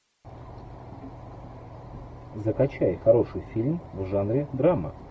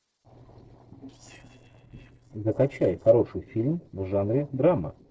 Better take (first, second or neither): first